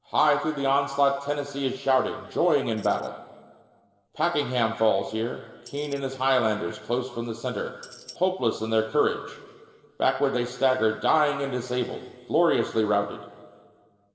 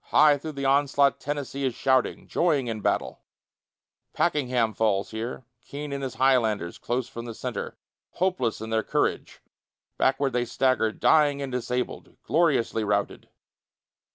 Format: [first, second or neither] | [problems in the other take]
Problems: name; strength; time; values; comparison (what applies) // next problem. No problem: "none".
second | noise reduction (neural separator model SepFormer DNS4)